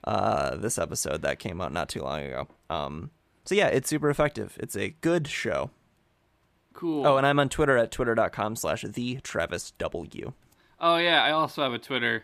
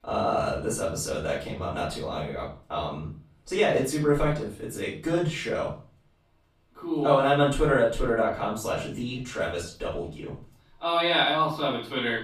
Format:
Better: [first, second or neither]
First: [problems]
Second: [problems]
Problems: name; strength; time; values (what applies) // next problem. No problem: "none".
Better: first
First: none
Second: off-mic speech; far // room echo; noticeable; dies away in 0.4 s